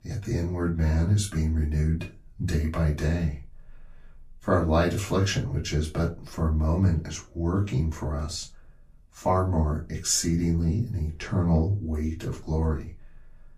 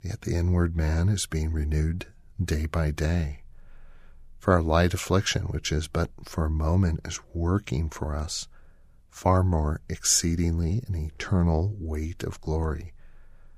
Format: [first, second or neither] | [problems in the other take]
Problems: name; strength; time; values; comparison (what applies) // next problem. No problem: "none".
second | off-mic speech; far // room echo; very slight; dies away in 0.2 s